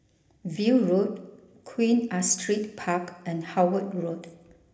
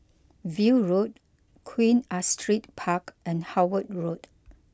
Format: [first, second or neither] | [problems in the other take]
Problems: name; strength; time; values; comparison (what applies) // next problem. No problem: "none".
second | room echo; dies away in 0.8 s